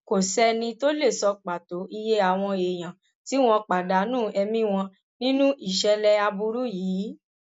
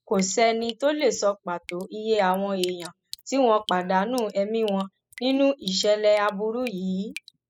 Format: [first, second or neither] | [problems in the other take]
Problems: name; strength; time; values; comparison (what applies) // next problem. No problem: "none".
first | noise reduction (classical method spectral subtraction)